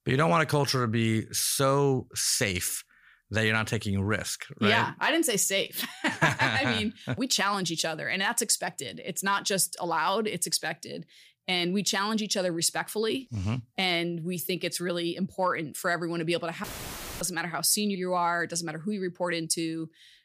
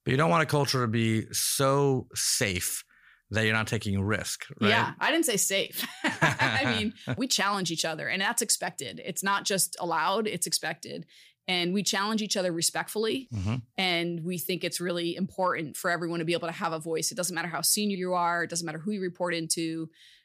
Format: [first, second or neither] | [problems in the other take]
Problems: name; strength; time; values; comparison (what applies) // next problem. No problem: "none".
second | audio cutting out; filled with static; at 17 s for 0.5 s